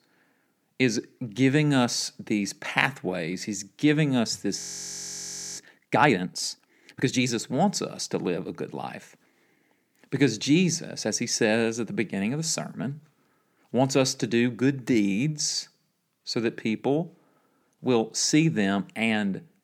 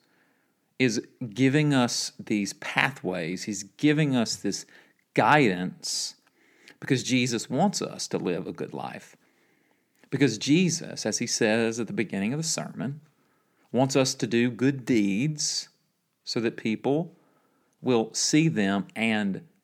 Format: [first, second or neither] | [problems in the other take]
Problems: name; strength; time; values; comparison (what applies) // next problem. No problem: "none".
second | audio freezing; at 4.5 s for 1 s